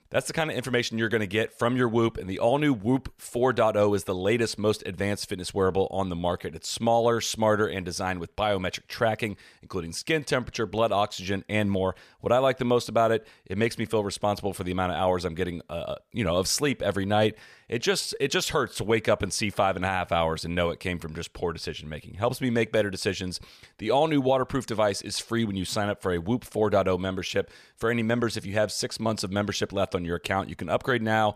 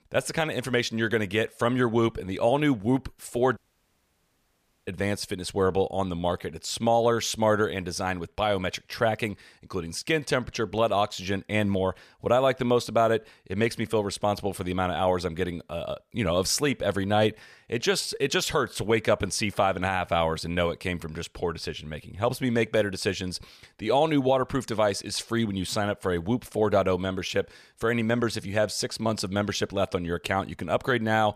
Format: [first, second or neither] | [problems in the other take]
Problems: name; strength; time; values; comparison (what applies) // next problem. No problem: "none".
first | audio cutting out; at 3.5 s for 1.5 s